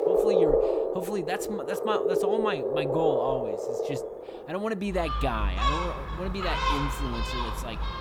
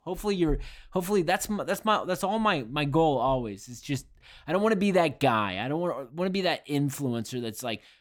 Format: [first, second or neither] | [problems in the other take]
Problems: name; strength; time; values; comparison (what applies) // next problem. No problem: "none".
second | animal sounds; very loud; throughout; 5 dB above the speech